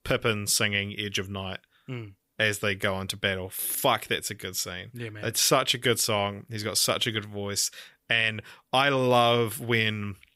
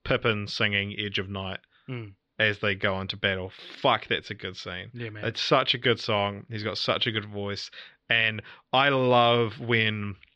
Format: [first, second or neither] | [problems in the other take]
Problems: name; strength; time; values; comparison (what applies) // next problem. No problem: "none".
first | muffled; slightly; fading above 4.5 kHz